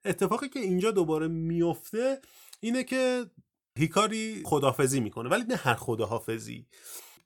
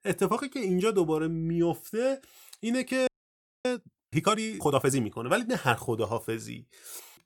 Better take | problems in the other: first | audio freezing; at 3 s for 0.5 s

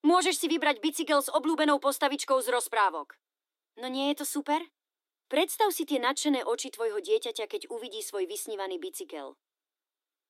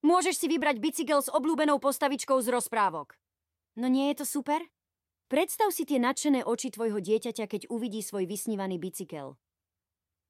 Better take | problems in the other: second | thin; very slightly; fading below 300 Hz

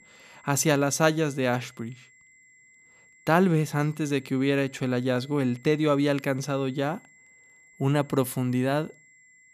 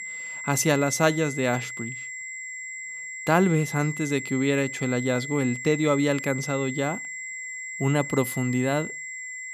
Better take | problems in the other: first | high-pitched whine; loud; throughout; 2 kHz, 8 dB below the speech; faint in the first

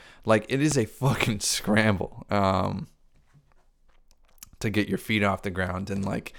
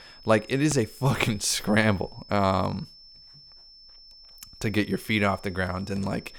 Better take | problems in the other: first | high-pitched whine; faint; throughout; 5.5 kHz, 20 dB below the speech

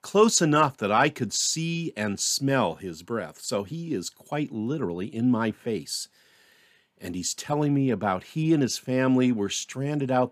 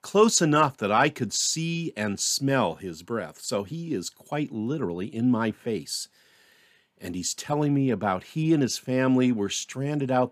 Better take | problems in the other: neither | none

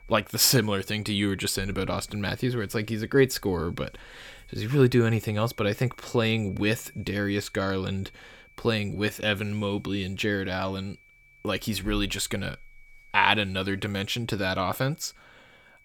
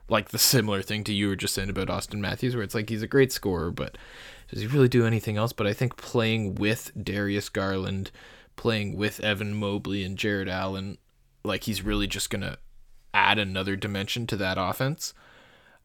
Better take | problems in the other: second | high-pitched whine; faint; throughout; 2.5 kHz, 30 dB below the speech

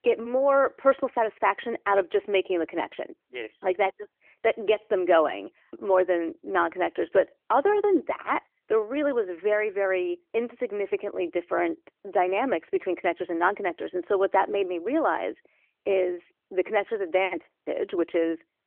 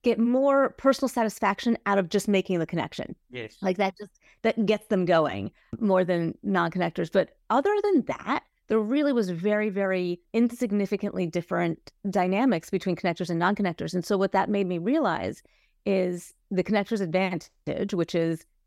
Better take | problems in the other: second | phone-call audio; nothing above 3.5 kHz

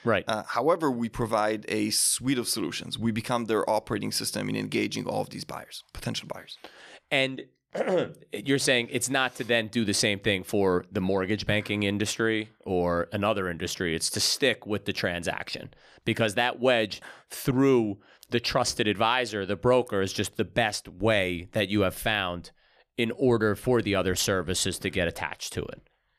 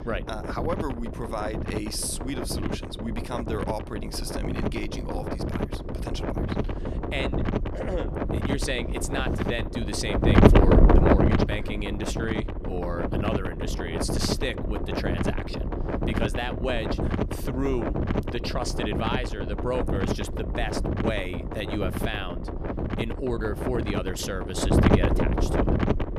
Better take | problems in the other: first | wind noise on the microphone; heavy; 2 dB above the speech

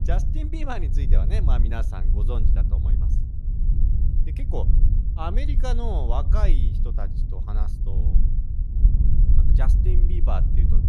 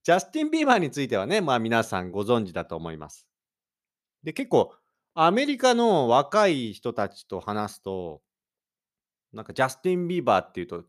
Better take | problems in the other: second | wind noise on the microphone; heavy; 6 dB below the speech

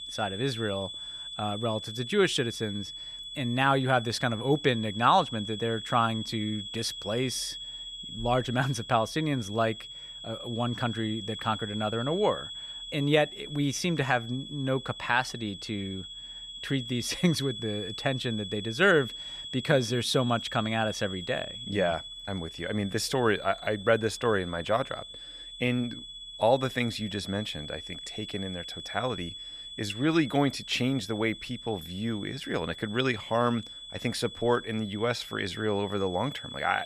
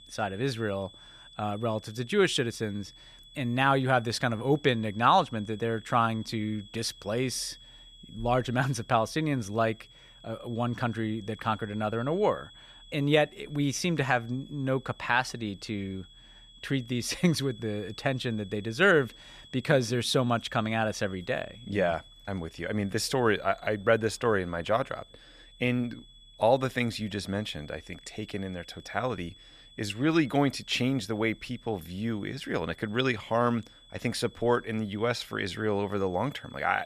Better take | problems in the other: second | high-pitched whine; loud; throughout; 3.5 kHz, 10 dB below the speech; faint in the second

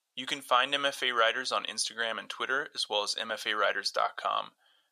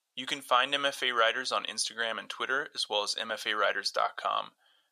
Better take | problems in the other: neither | thin; very; fading below 600 Hz; the same in both

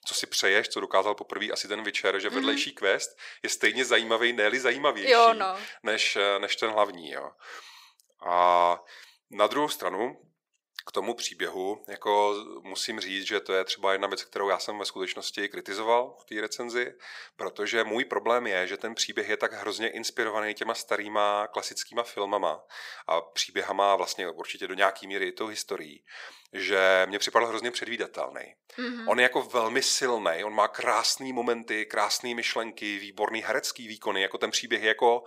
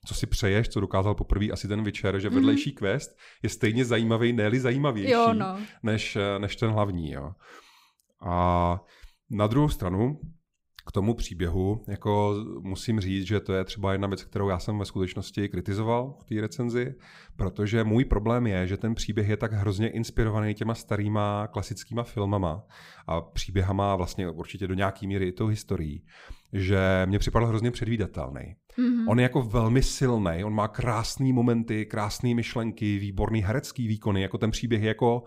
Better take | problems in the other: second | thin; very; fading below 450 Hz

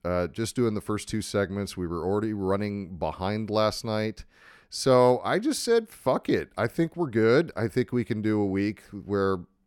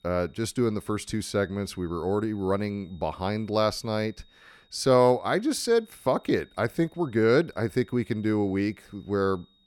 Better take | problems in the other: first | high-pitched whine; faint; throughout; 3.5 kHz, 35 dB below the speech

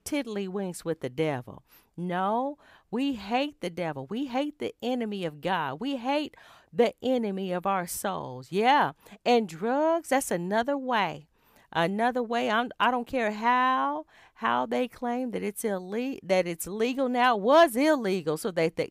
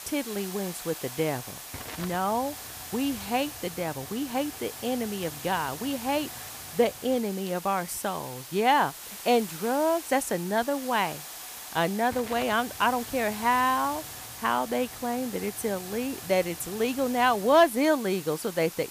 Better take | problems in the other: first | hiss; noticeable; throughout; 10 dB below the speech

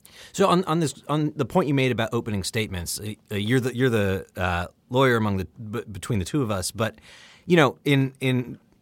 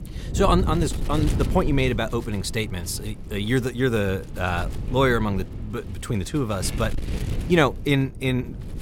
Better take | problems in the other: first | wind noise on the microphone; occasional gusts; 15 dB below the speech

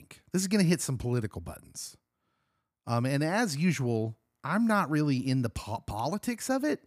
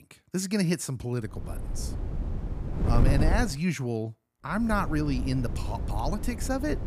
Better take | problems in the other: first | wind noise on the microphone; heavy; from 1.5 to 3.5 s and from 4.5 s on; 9 dB below the speech

